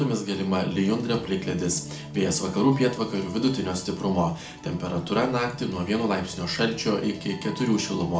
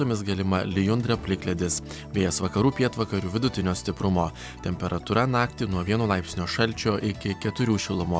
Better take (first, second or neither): second